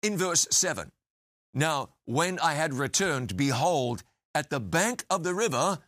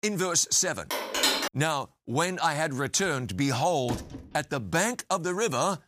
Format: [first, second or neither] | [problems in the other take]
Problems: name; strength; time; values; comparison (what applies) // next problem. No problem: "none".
first | phone ringing; loud; at 1 s; peak 3 dB above the speech // door banging; faint; at 4 s; peak 10 dB below the speech